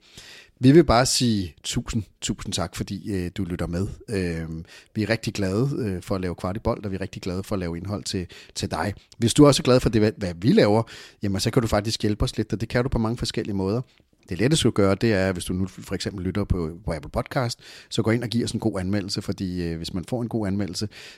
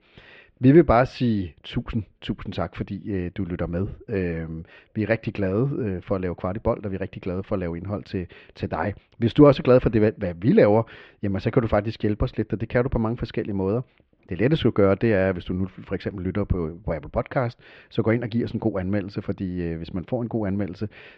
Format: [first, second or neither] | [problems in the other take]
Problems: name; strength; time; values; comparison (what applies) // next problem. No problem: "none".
first | muffled; very; fading above 3 kHz